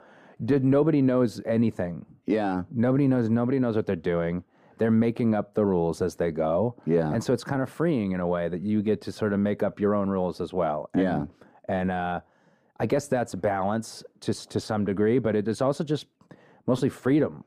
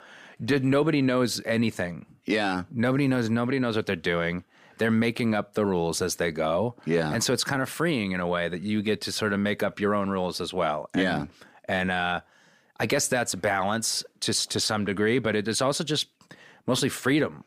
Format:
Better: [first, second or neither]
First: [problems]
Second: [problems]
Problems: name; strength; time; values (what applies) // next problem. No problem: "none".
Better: second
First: muffled; slightly; fading above 1.5 kHz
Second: none